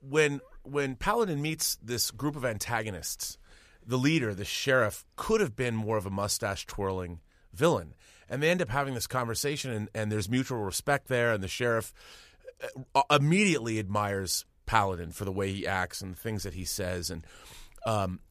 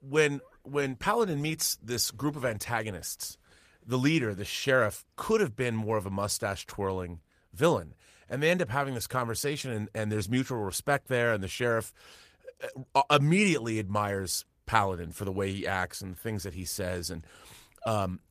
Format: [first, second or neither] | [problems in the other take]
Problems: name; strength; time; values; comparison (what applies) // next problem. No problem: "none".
first | garbled, watery; slightly; nothing above 14.5 kHz